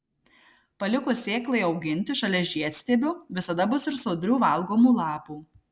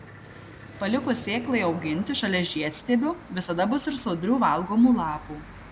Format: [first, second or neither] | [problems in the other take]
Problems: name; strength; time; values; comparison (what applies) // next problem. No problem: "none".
first | background sound (Church bell / Traffic noise, roadway noise + Subway, metro, underground / Sliding door); 17 dB below the speech